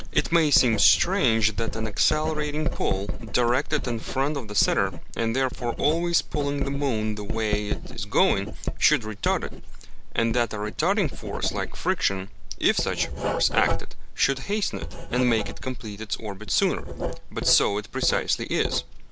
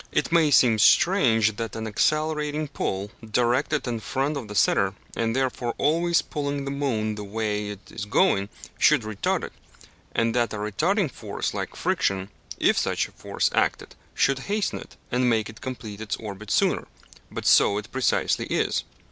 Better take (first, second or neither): second